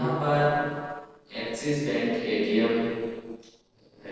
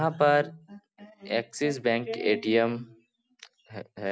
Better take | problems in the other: second | noise reduction (neural separator model SepFormer DNS4)

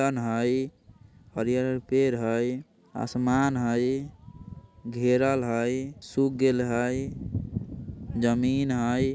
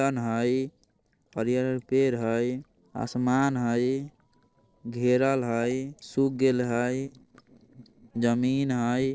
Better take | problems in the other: first | noise reduction (neural separator model SepFormer DNS4)

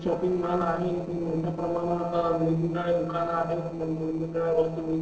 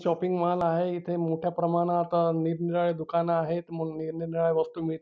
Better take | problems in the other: second | noise reduction (neural separator model SepFormer DNS4)

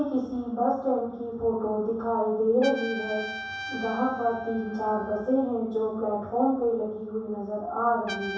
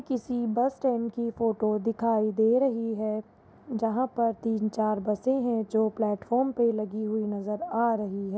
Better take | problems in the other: second | background sound (Trumpet); 14 dB below the speech // room echo; dies away in 0.7 s

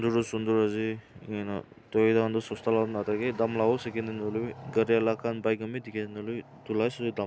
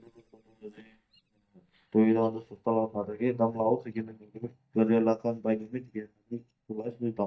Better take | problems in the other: first | noise reduction (neural mask model DeepFilterNet 3)

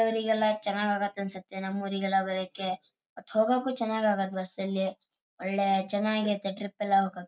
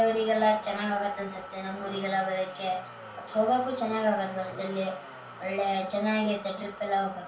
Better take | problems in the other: first | background sound (Motor vehicle (road)); 13 dB below the speech // room echo; dies away in 0.3 s

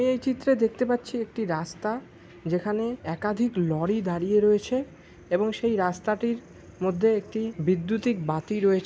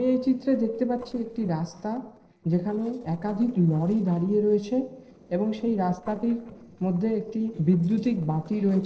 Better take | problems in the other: first | noise reduction (neural separator model SepFormer DNS4)

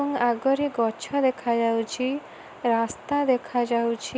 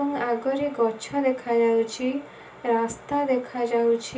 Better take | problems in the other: first | room echo; dies away in 0.2 s

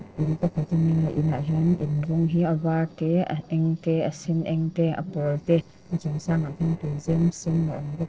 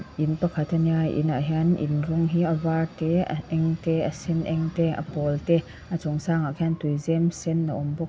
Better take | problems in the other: second | noise reduction (neural separator model SepFormer DNS4)

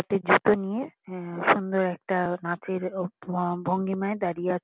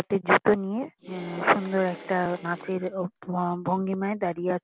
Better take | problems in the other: first | background sound (Applause / Cheering); 18 dB below the speech

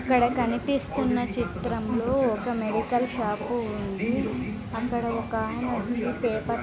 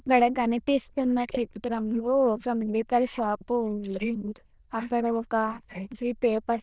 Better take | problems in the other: first | noise reduction (neural diffusion model UNIVERSE++)

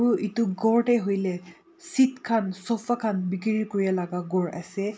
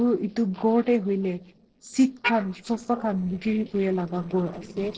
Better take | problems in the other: first | noise reduction (neural separator model SepFormer DNS4)

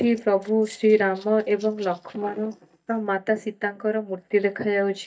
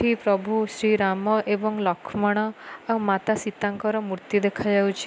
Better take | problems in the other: second | noise reduction (neural mask model DeepFilterNet 3)

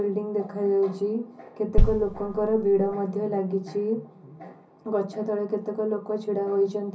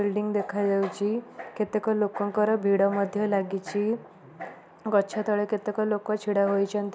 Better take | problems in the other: second | background sound (Bass drum); 4 dB above the speech // room echo; dies away in 0.5 s

